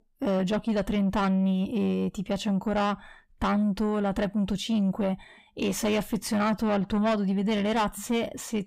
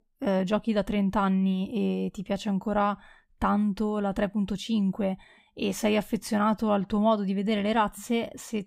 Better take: second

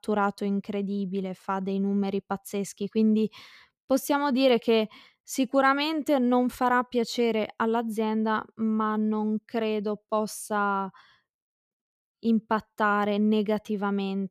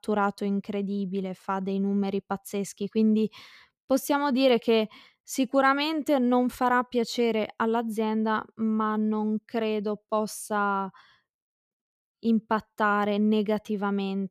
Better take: neither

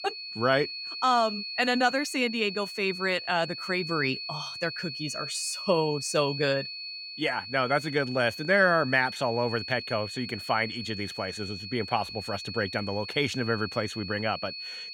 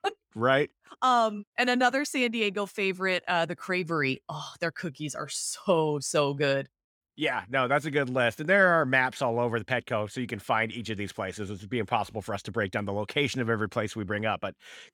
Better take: second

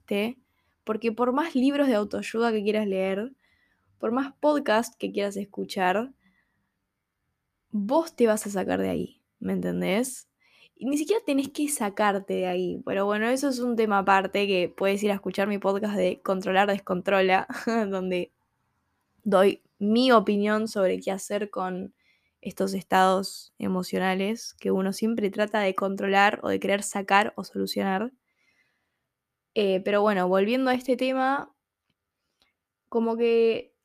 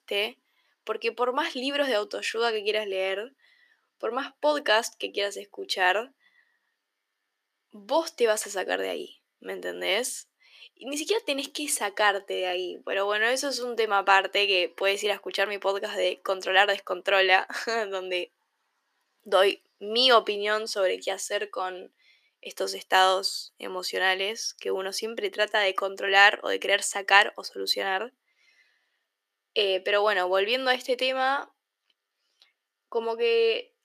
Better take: first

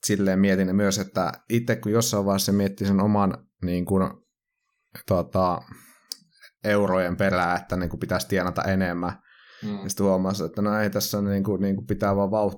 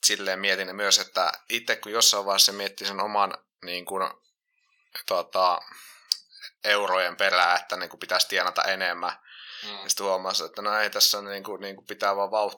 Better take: first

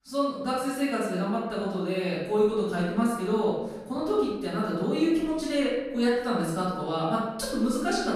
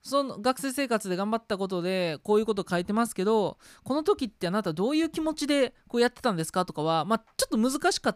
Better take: second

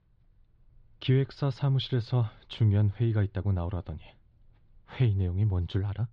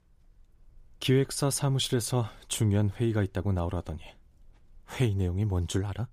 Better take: second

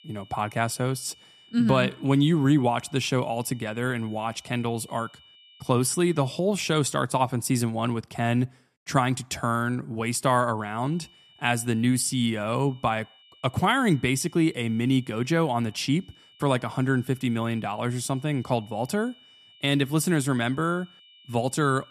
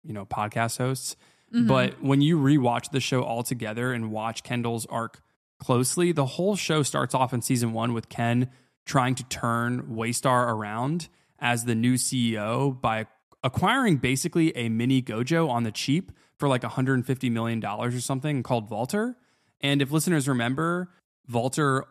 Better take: second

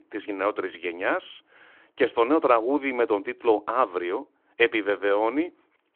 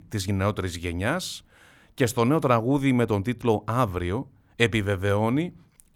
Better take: second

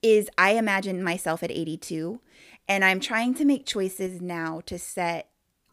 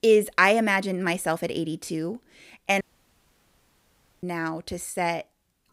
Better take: first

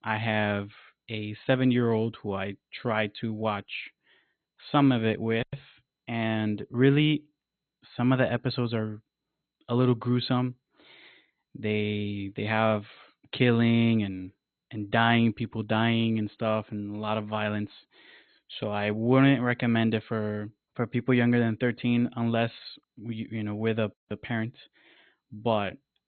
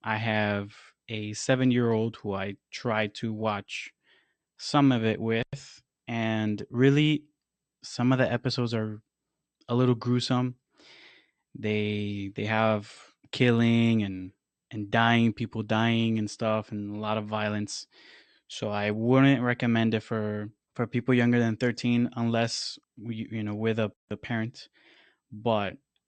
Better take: second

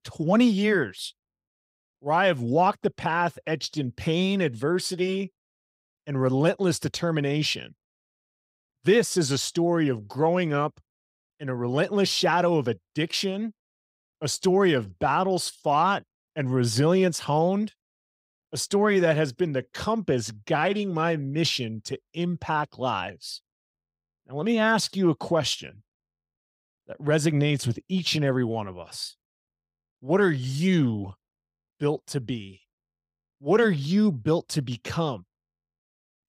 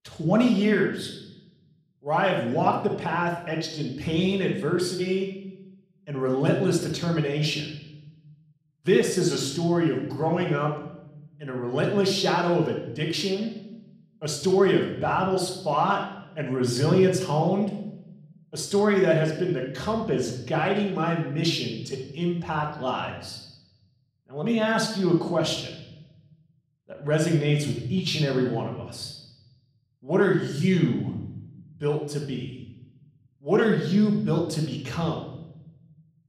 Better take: first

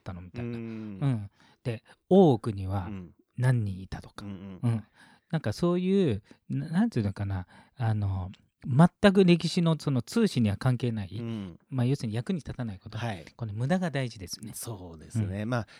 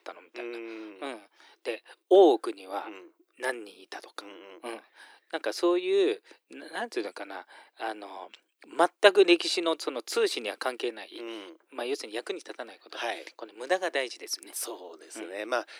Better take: first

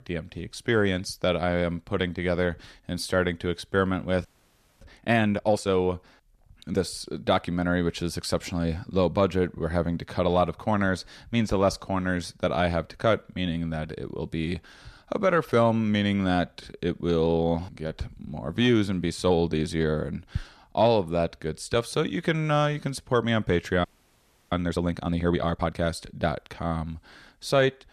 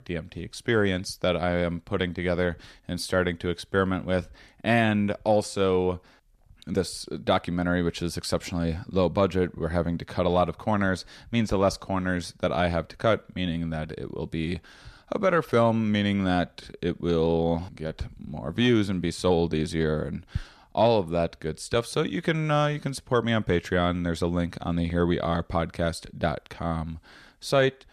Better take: second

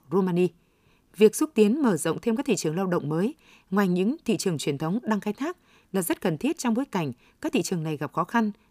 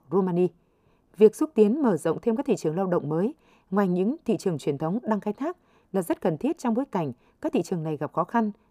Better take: first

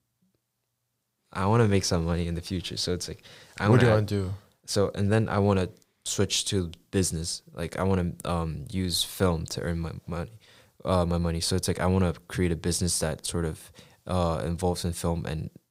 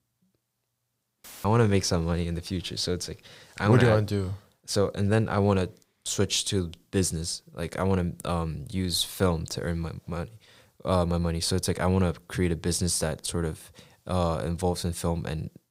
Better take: first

